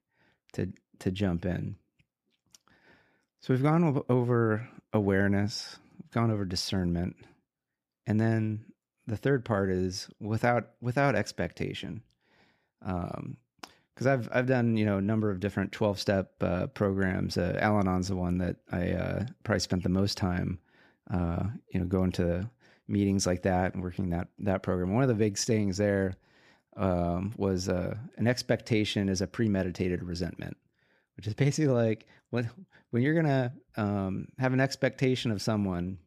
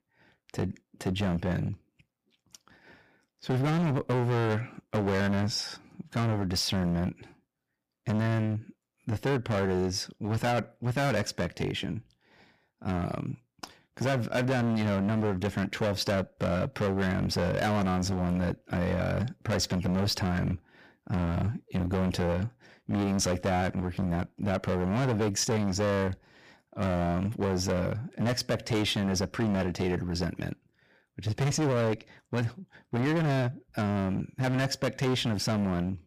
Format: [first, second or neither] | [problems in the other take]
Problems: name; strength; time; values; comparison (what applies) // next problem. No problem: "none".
first | distortion; heavy; 17% of the sound clipped